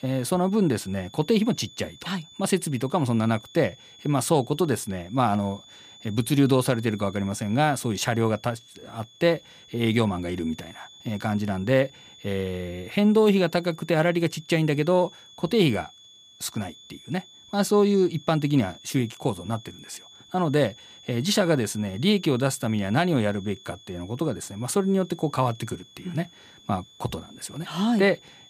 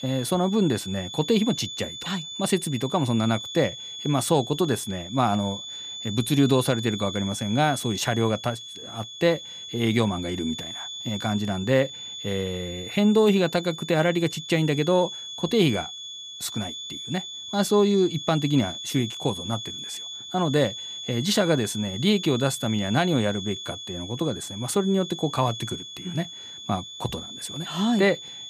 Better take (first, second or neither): first